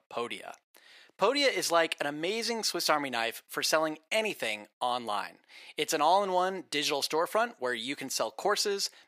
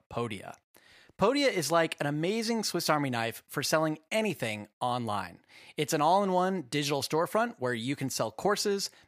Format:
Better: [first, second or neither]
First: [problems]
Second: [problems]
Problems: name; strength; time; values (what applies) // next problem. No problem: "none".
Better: second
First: thin; somewhat; fading below 350 Hz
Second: none